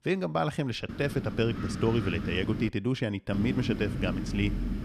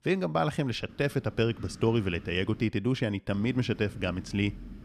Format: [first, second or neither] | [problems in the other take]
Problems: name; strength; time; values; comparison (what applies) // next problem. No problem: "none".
second | wind noise on the microphone; heavy; from 1 to 2.5 s and from 3.5 s on; 8 dB below the speech; occasional gusts in the second